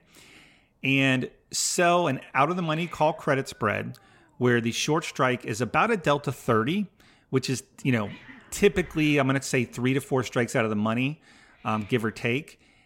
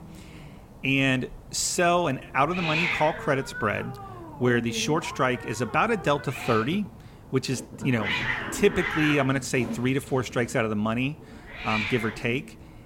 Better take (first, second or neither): first